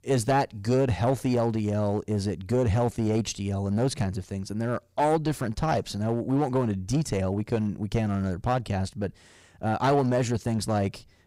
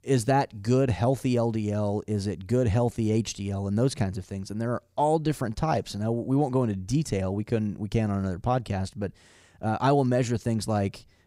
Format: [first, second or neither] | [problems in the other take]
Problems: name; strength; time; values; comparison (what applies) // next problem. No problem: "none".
second | distortion; slight; 7% of the sound clipped